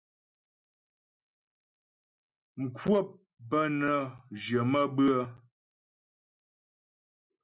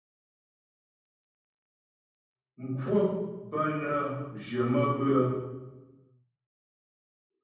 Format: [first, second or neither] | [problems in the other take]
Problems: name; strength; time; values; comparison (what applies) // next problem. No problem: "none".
first | room echo; dies away in 1.1 s